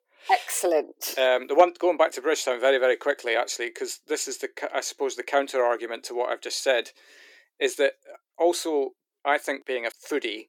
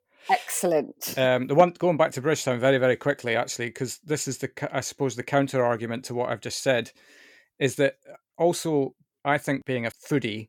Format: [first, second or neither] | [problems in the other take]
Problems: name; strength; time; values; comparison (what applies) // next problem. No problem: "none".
second | thin; somewhat; fading below 350 Hz